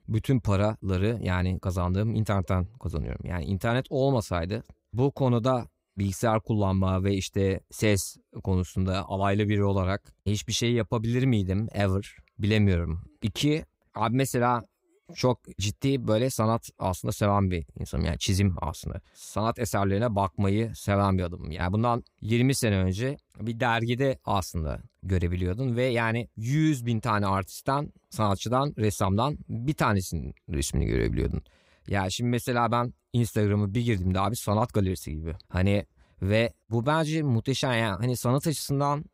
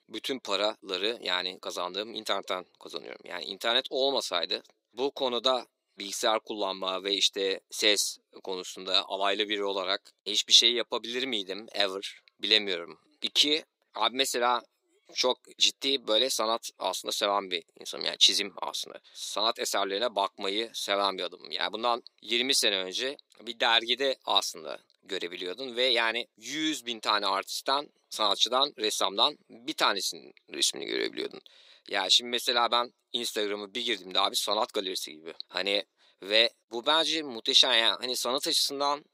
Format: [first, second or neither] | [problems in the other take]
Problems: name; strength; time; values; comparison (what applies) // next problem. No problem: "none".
first | thin; very; fading below 350 Hz